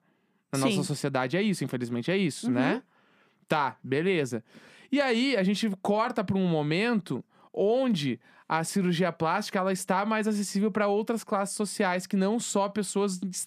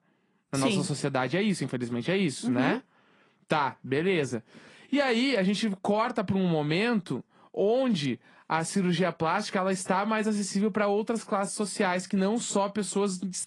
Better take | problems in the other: first | garbled, watery; slightly; nothing above 10 kHz

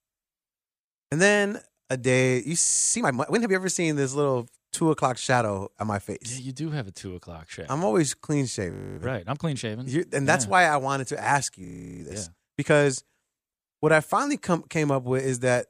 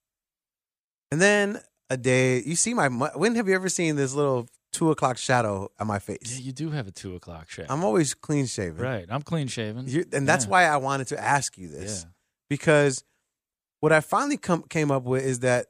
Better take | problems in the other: second | audio freezing; at 2.5 s, at 8.5 s and at 12 s

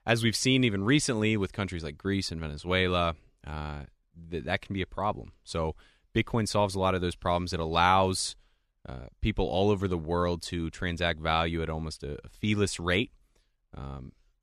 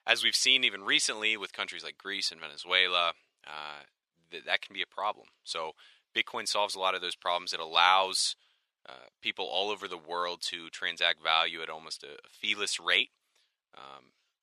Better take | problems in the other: first | thin; very; fading below 700 Hz

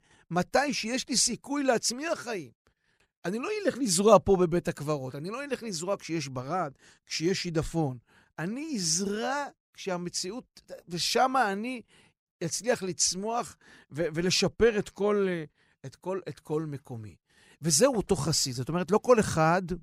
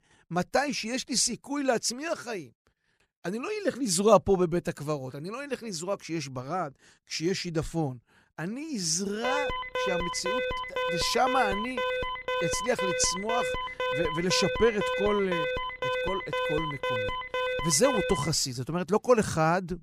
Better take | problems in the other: first | alarm; noticeable; from 9 to 18 s; peak 1 dB below the speech

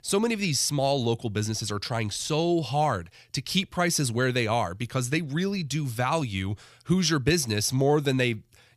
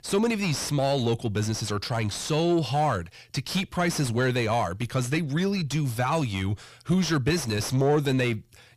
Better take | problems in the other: first | distortion; slight; 10 dB below the speech

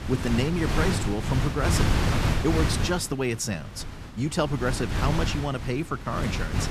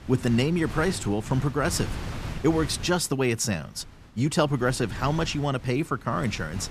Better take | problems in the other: second | wind noise on the microphone; heavy; 2 dB below the speech; occasional gusts in the second

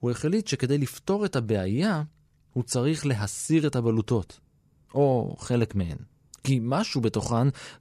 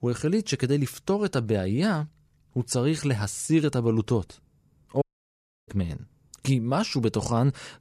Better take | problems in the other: first | audio cutting out; at 5 s for 0.5 s

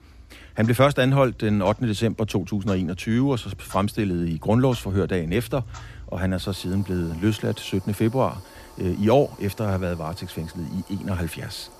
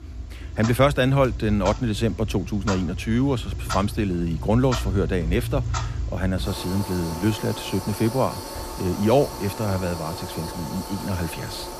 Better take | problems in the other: first | household noises; loud; throughout; 8 dB below the speech; faint in the first

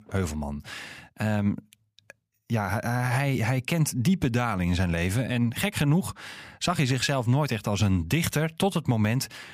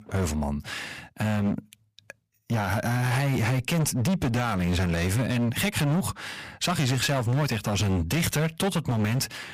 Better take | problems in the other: first | distortion; heavy; 21% of the sound clipped

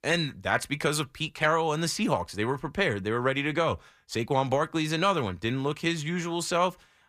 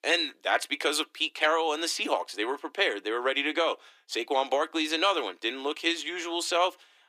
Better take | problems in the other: first | thin; somewhat; fading below 300 Hz

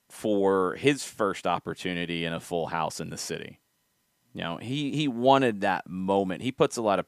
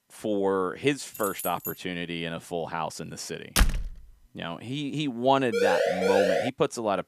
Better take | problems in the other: first | jangling keys; noticeable; at 1 s; peak 5 dB below the speech // door banging; loud; at 3.5 s; peak 4 dB above the speech // siren; loud; at 5.5 s; peak 5 dB above the speech

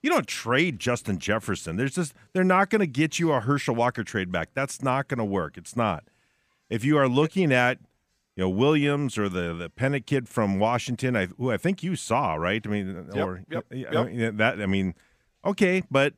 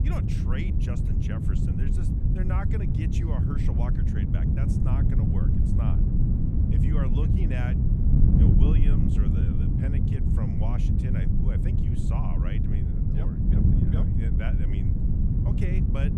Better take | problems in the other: first | wind noise on the microphone; heavy; 5 dB above the speech

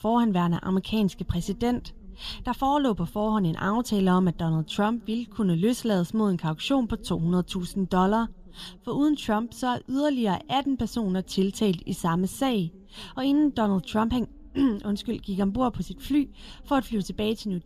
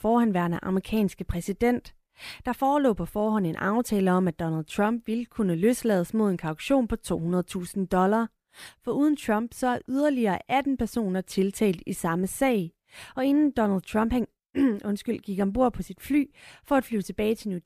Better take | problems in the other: second | room echo; slight; dies away in 3 s

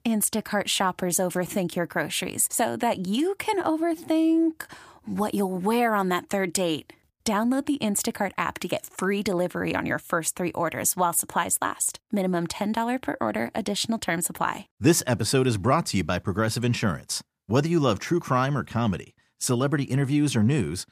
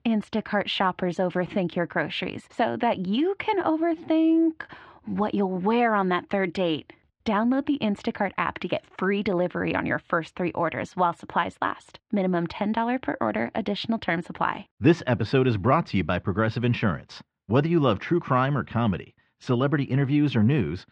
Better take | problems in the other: first | muffled; very; fading above 3.5 kHz

